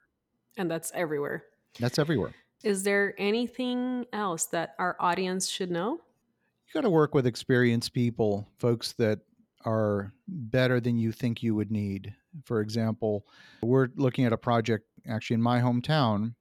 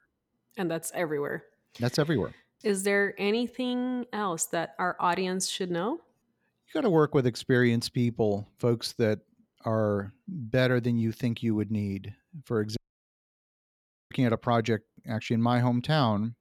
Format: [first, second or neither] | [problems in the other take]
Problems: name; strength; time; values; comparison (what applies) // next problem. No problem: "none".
first | audio cutting out; at 13 s for 1.5 s